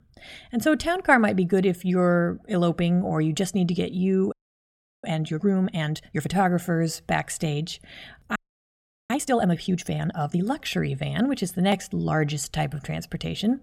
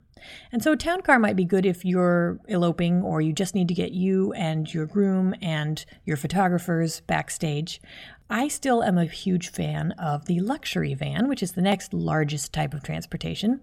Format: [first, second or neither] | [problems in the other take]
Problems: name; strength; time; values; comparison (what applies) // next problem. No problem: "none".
second | audio freezing; at 4.5 s for 0.5 s and at 8.5 s for 0.5 s